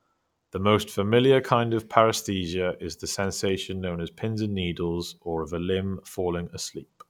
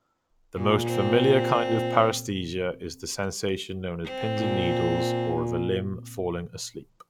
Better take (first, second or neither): first